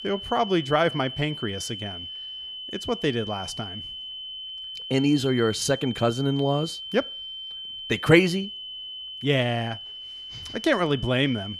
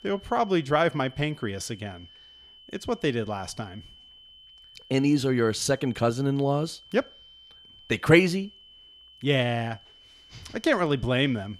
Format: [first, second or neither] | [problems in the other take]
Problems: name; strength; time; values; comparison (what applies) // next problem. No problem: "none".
second | high-pitched whine; loud; throughout; 3 kHz, 10 dB below the speech; faint in the second